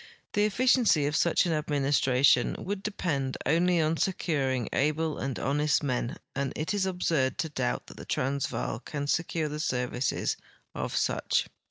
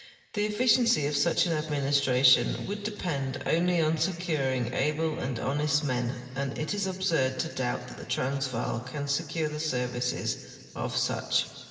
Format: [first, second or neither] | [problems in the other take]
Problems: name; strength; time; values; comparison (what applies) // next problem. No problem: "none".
first | room echo; dies away in 2.3 s